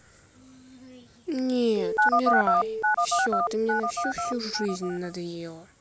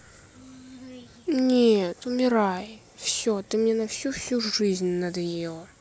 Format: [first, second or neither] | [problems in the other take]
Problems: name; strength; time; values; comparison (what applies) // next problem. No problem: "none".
second | background sound (Telephone); 5 dB above the speech